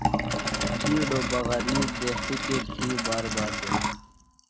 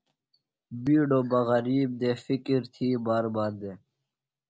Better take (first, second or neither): second